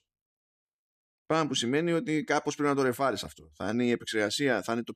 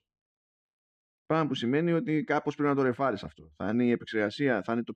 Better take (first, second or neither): first